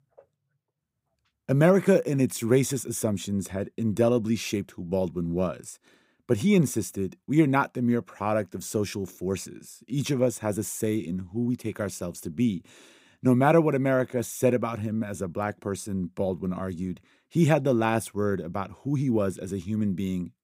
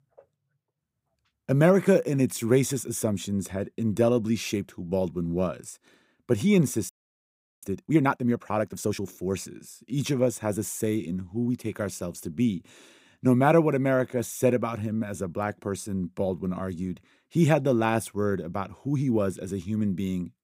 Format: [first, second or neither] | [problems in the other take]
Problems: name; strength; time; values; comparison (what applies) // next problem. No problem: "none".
first | audio freezing; at 7 s for 0.5 s